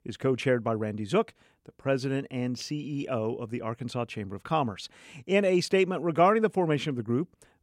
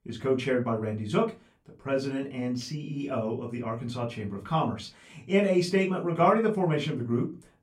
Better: first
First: none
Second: off-mic speech; far // room echo; very slight; dies away in 0.2 s

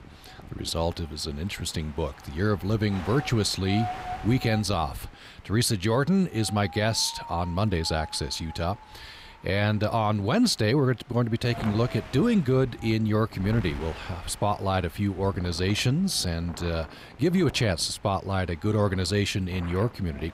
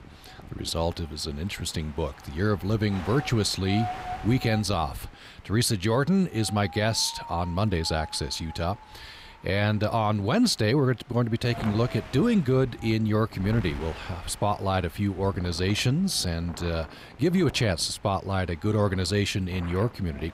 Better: neither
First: wind noise on the microphone; occasional gusts; 15 dB below the speech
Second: wind noise on the microphone; occasional gusts; 15 dB below the speech

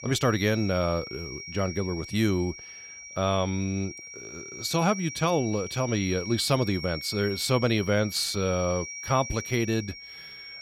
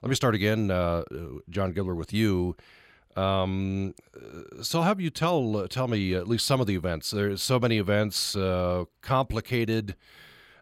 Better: second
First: high-pitched whine; noticeable; throughout; 5.5 kHz, 10 dB below the speech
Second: none

